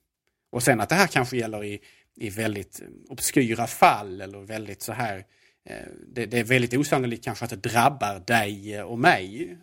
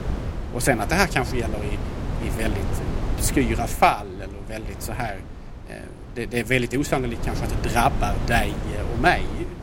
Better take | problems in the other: first | wind noise on the microphone; occasional gusts; 15 dB below the speech

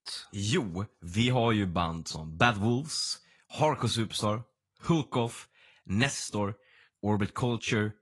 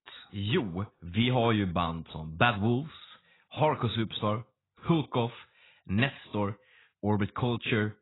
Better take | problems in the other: first | garbled, watery; badly; nothing above 4 kHz; slightly in the first

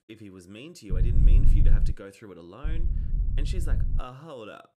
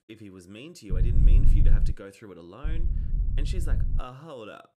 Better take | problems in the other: neither | low rumble; loud; from 1 to 2 s and from 2.5 to 4 s; 2 dB below the speech; the same in both

